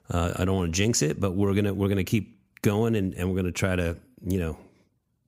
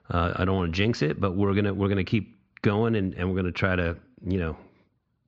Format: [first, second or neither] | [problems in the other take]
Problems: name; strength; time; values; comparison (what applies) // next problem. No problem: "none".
first | muffled; slightly; fading above 4.5 kHz